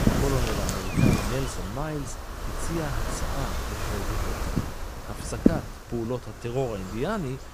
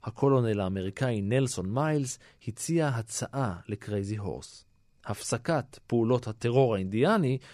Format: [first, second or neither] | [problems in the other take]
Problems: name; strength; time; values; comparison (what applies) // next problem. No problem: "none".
second | wind noise on the microphone; heavy; 2 dB above the speech